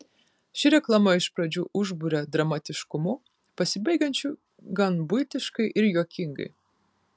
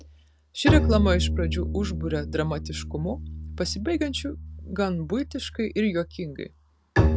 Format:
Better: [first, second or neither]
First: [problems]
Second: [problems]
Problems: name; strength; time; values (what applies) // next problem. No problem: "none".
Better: first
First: none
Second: background sound (Bowed string instrument); as loud as the speech